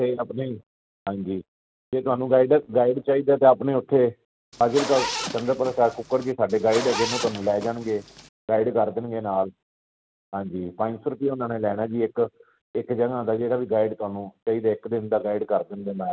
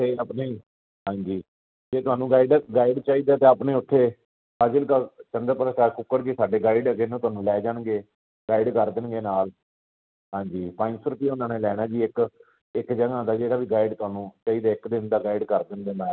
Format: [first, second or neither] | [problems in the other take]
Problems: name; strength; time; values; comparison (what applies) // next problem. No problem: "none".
second | background sound (Zipper (clothing)); 8 dB below the speech